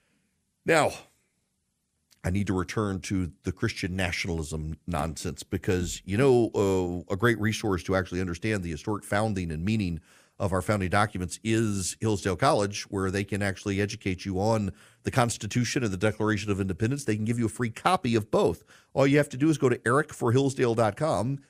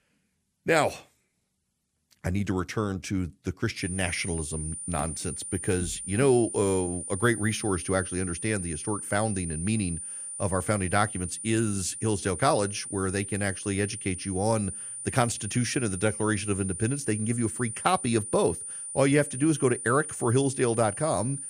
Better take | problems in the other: first | high-pitched whine; loud; from 4 s on; 9.5 kHz, 7 dB below the speech

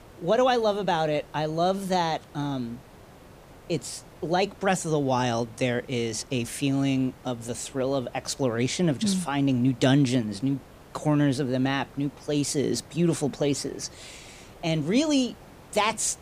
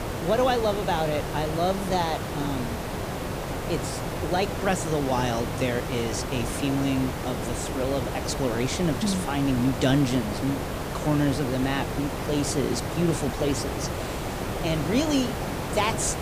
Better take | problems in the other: first | hiss; loud; throughout; 4 dB below the speech; faint in the first

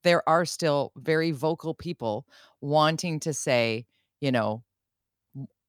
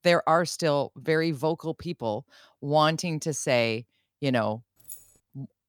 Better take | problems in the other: first | jangling keys; faint; at 5 s; peak 15 dB below the speech

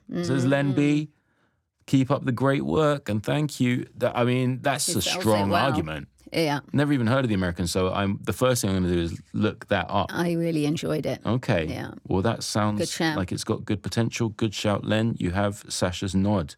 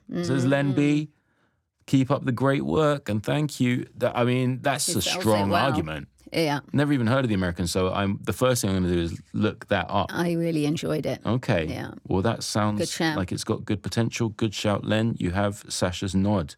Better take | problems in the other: neither | none

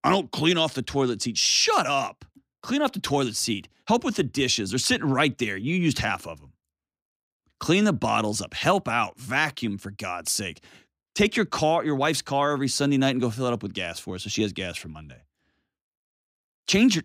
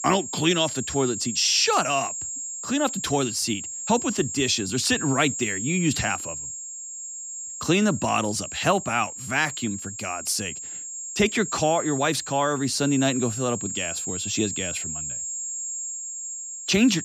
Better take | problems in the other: first | high-pitched whine; loud; throughout; 7.5 kHz, 6 dB below the speech

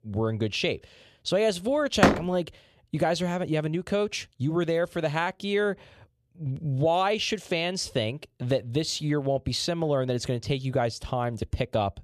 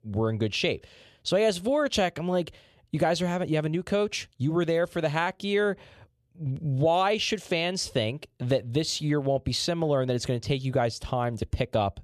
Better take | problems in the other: second | door banging; loud; at 2 s; peak 5 dB above the speech

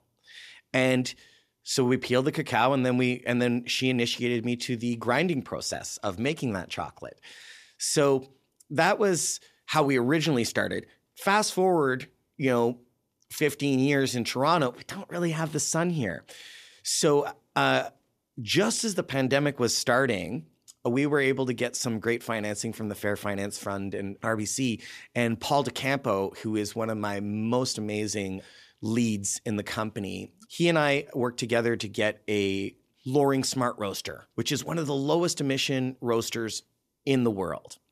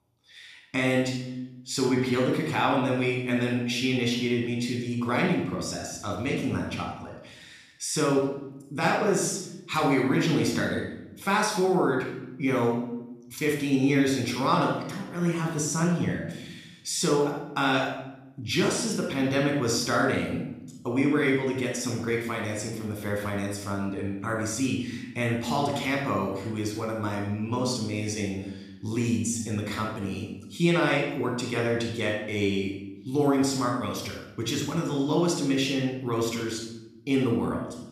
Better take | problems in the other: first | off-mic speech; somewhat distant // room echo; noticeable; dies away in 0.8 s

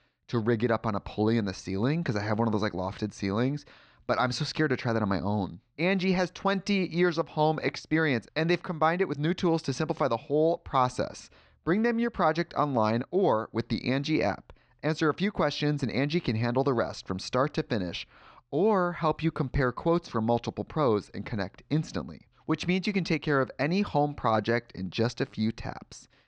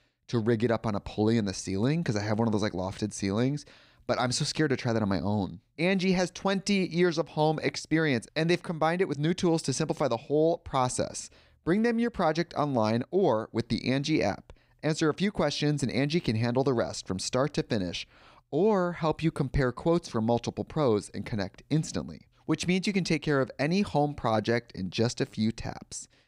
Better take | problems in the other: second | muffled; very slightly; fading above 5 kHz

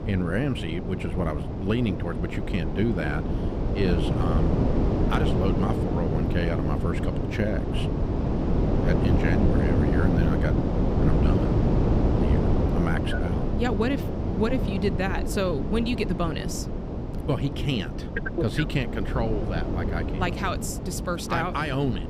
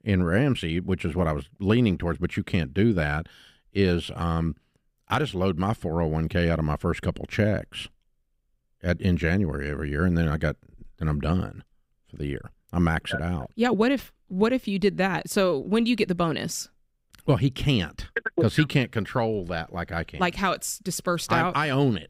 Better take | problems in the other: second | wind noise on the microphone; heavy; 1 dB below the speech

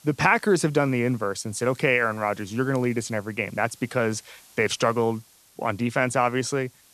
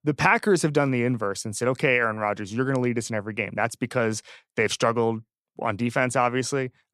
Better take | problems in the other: second | hiss; faint; throughout; 25 dB below the speech

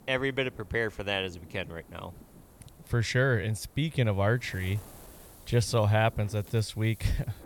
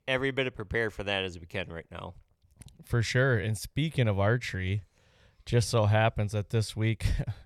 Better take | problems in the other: second | wind noise on the microphone; occasional gusts; 25 dB below the speech

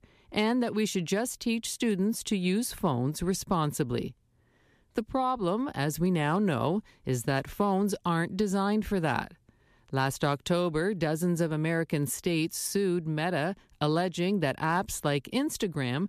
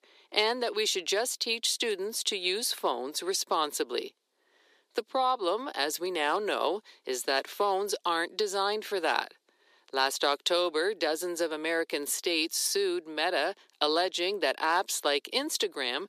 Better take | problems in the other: first | thin; very; fading below 350 Hz

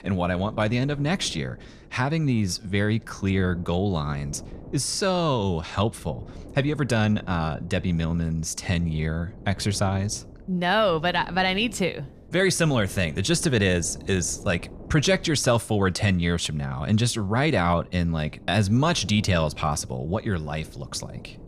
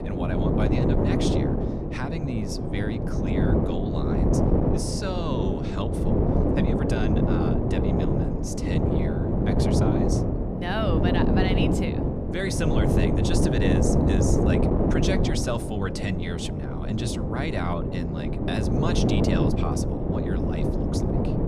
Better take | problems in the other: first | wind noise on the microphone; heavy; 4 dB above the speech; occasional gusts in the first

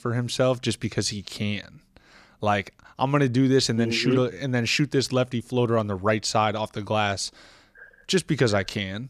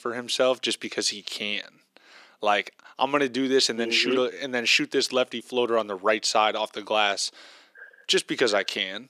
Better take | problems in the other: first | thin; somewhat; fading below 300 Hz

